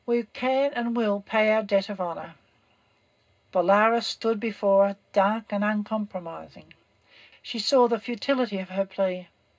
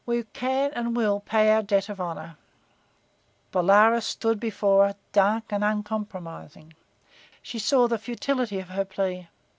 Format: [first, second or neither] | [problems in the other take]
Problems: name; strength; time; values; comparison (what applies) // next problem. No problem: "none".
second | room echo; dies away in 0.2 s